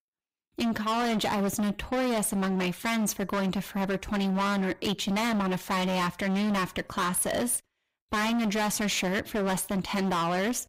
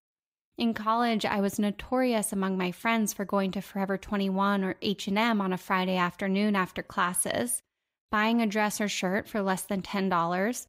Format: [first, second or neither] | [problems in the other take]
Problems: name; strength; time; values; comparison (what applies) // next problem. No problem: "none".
second | distortion; heavy; 28% of the sound clipped